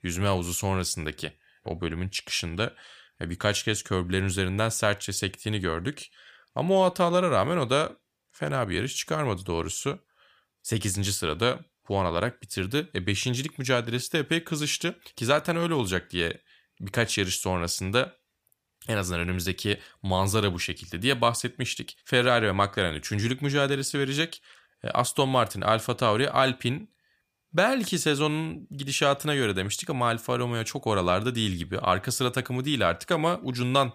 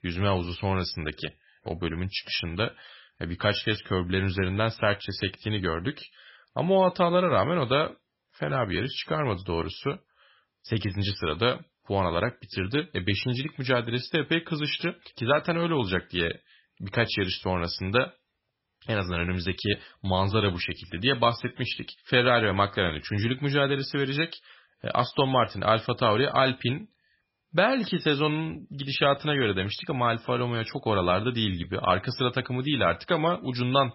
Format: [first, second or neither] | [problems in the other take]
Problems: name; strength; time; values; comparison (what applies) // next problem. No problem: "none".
first | garbled, watery; badly; nothing above 5.5 kHz